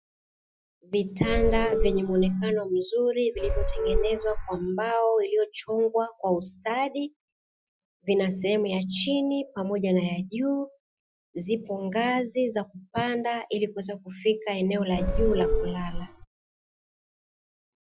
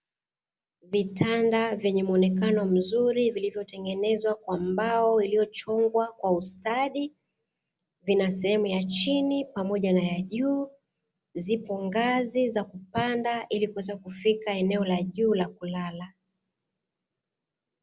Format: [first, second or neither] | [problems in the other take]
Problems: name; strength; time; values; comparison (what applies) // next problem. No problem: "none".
second | noise reduction (classical method Wiener filter)